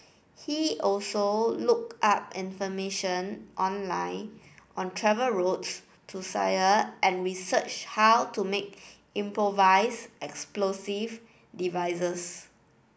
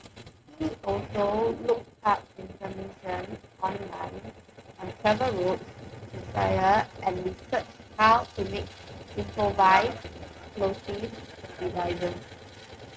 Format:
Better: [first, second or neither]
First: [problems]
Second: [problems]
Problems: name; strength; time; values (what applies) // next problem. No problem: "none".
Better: first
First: none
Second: noise reduction (neural mask model RNNoise)